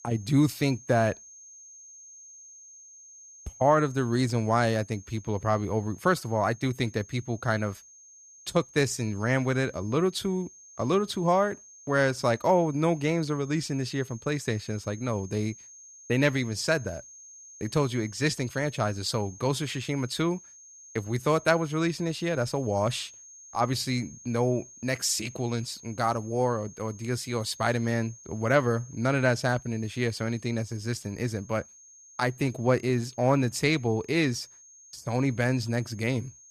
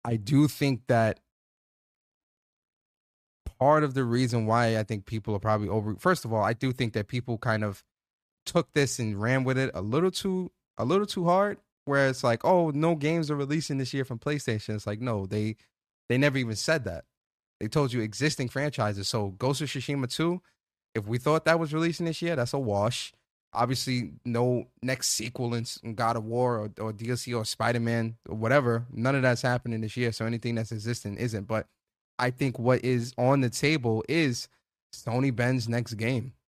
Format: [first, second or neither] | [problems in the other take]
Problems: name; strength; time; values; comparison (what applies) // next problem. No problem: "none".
second | high-pitched whine; noticeable; throughout; 6.5 kHz, 20 dB below the speech